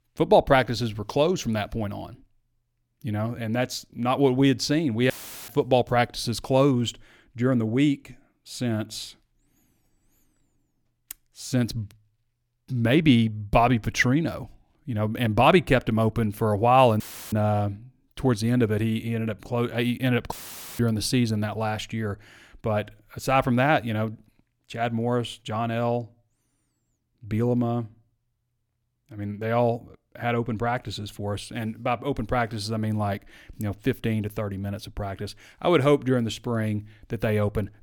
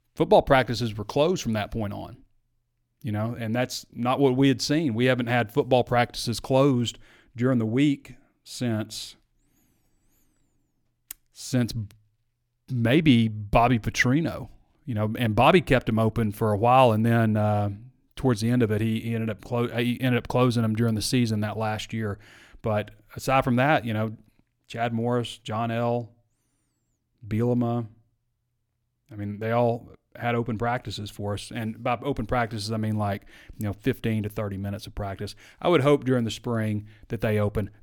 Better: second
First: audio cutting out; filled with static; at 5 s, at 17 s and at 20 s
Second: none

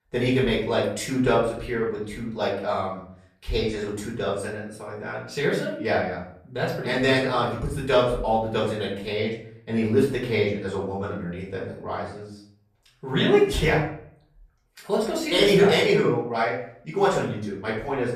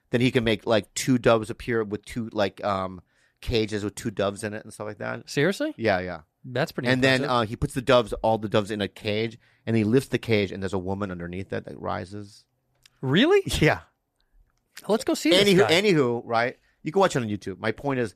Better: second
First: off-mic speech; far // room echo; noticeable; dies away in 0.5 s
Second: none

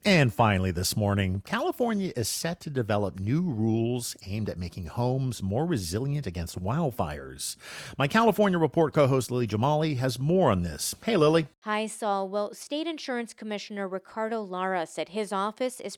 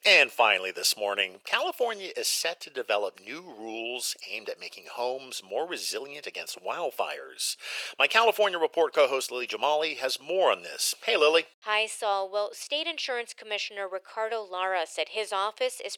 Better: first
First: none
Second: thin; very; fading below 450 Hz

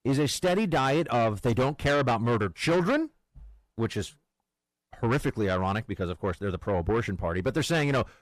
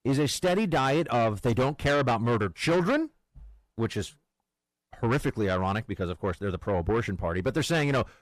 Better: neither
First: distortion; heavy; 8 dB below the speech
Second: distortion; heavy; 8 dB below the speech

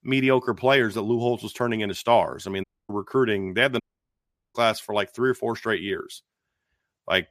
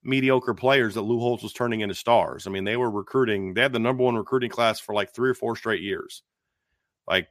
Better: second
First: audio cutting out; at 2.5 s and at 4 s for 0.5 s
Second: none

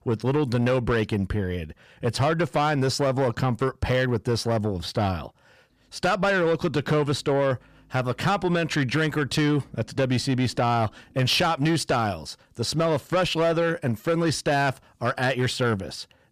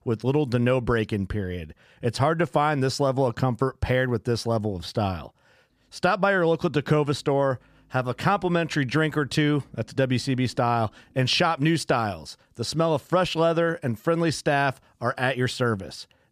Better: second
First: distortion; slight; 10 dB below the speech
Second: none

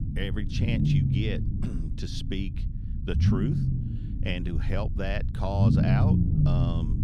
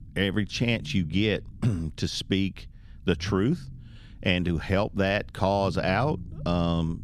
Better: second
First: low rumble; loud; throughout; 1 dB below the speech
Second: low rumble; faint; throughout; 25 dB below the speech

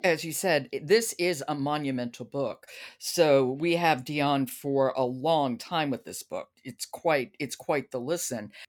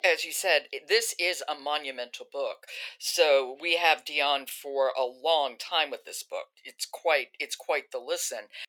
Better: first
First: none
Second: thin; very; fading below 500 Hz

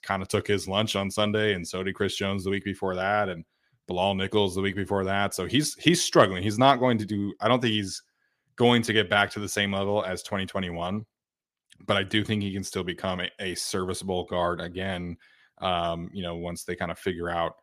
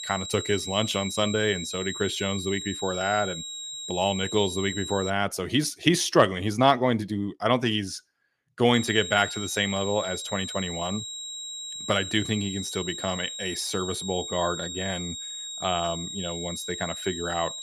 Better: first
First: none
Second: high-pitched whine; loud; until 5 s and from 8.5 s on; 4 kHz, 7 dB below the speech

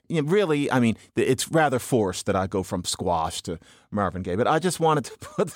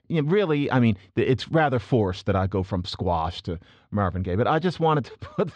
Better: first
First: none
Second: muffled; very slightly; fading above 4.5 kHz

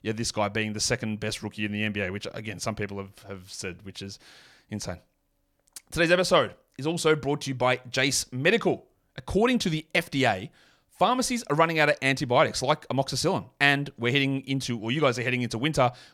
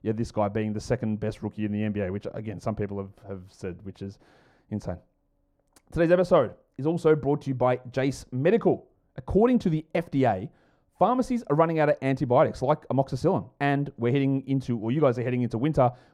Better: first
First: none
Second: muffled; very; fading above 1.5 kHz

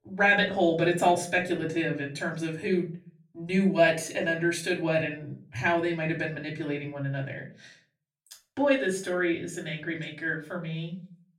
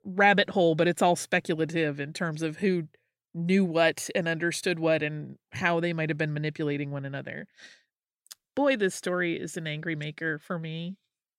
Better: second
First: off-mic speech; far // room echo; very slight; dies away in 0.3 s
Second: none

